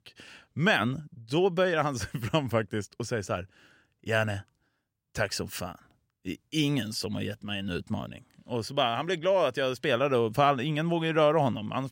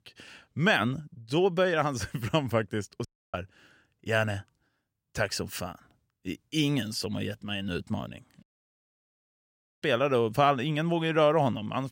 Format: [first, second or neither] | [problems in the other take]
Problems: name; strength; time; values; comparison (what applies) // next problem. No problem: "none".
first | audio cutting out; at 3 s and at 8.5 s for 1.5 s